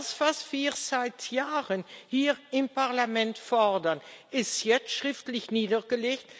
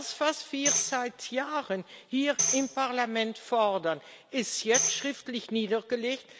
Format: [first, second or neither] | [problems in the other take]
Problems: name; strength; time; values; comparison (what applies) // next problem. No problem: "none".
first | background sound (Tambourine); 4 dB below the speech